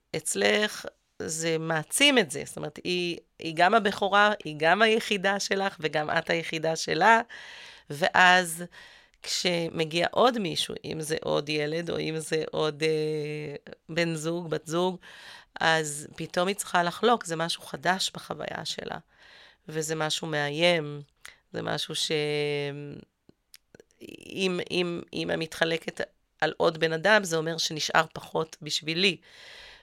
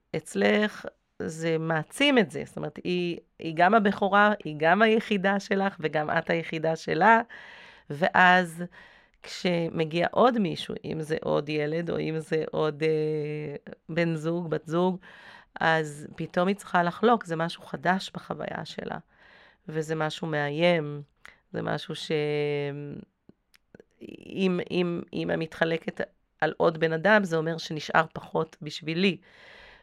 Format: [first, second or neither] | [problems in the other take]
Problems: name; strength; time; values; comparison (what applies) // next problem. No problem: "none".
first | muffled; slightly; fading above 3 kHz